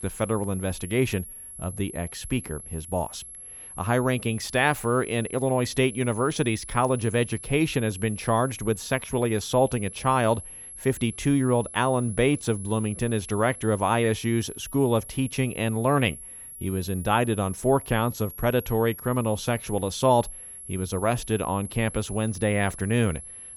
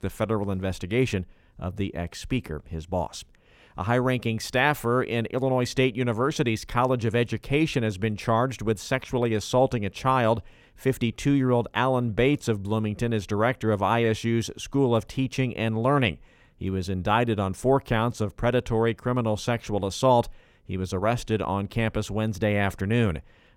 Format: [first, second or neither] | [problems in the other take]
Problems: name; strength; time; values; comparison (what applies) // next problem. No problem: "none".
second | high-pitched whine; noticeable; throughout; 11 kHz, 15 dB below the speech